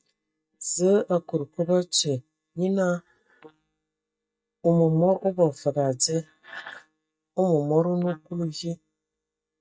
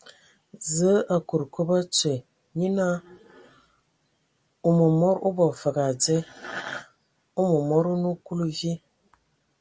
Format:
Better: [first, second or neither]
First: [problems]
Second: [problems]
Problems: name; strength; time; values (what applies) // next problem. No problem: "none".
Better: second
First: noise reduction (neural mask model DeepFilterNet 3)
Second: none